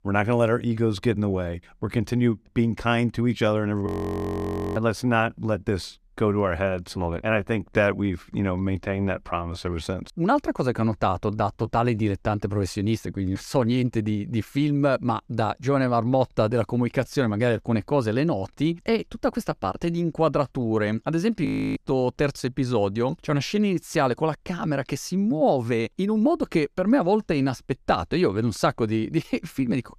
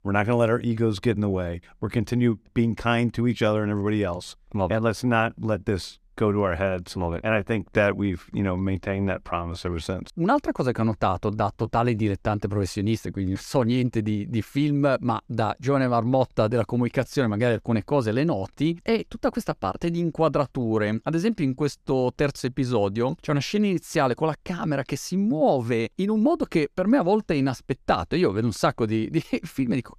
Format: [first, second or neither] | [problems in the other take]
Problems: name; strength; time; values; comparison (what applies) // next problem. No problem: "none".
second | audio freezing; at 4 s for 1 s and at 21 s